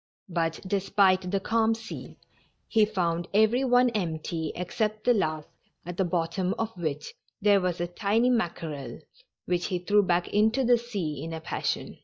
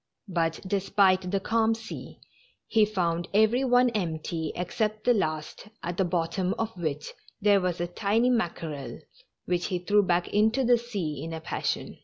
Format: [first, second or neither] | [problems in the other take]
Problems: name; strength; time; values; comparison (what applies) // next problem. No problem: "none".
second | noise reduction (neural mask model DeepFilterNet 3)